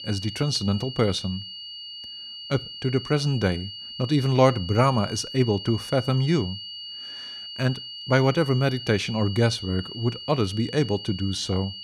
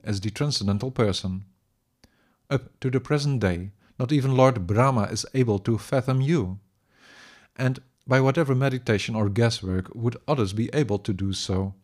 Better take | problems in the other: second | high-pitched whine; noticeable; throughout; 3 kHz, 10 dB below the speech

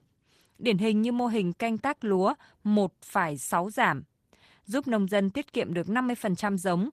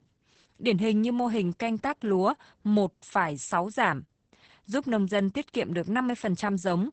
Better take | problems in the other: first | garbled, watery; badly; nothing above 8 kHz; slightly in the first

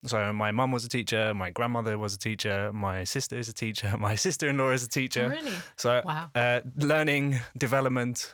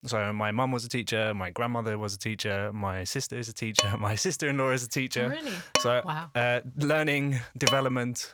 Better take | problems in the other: first | clattering dishes; loud; from 4 to 8 s; peak 2 dB above the speech

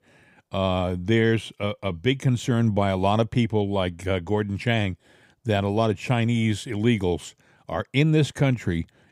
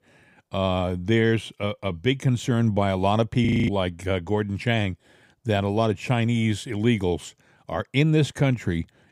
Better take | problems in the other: first | audio freezing; at 3.5 s

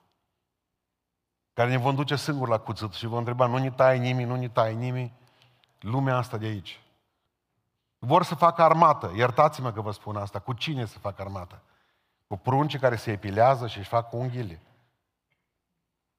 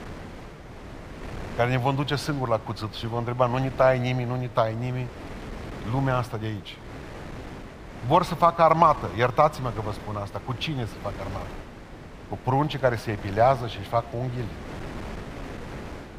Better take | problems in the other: first | wind noise on the microphone; occasional gusts; 20 dB below the speech

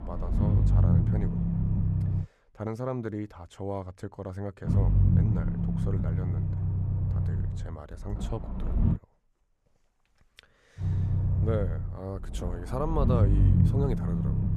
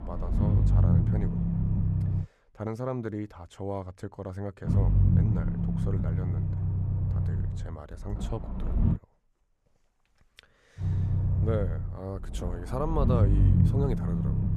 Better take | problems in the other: neither | low rumble; loud; until 2 s, from 4.5 to 9 s and from 11 s on; 1 dB below the speech; the same in both

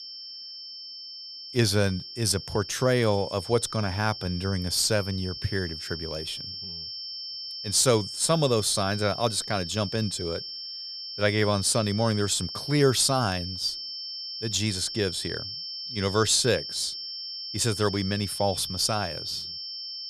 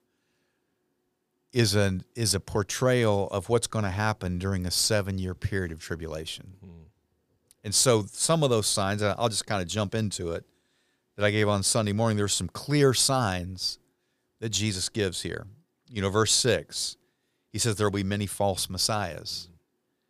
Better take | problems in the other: second | high-pitched whine; loud; throughout; 5.5 kHz, 8 dB below the speech

